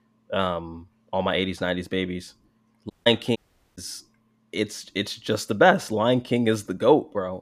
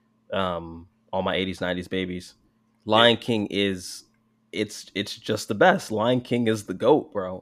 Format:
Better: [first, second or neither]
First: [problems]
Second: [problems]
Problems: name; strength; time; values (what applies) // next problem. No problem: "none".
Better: second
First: audio cutting out; at 3 s and at 3.5 s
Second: none